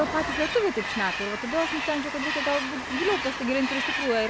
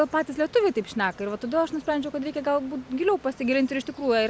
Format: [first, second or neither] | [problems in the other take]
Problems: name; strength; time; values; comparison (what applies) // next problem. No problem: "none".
second | background sound (Train); 3 dB below the speech